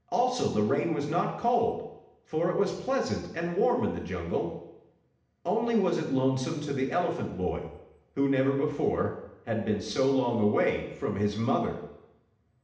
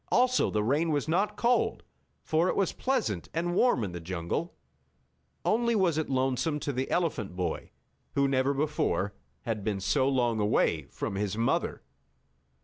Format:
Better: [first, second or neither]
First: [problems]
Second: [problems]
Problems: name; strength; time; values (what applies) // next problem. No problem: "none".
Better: second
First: room echo; dies away in 0.8 s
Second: none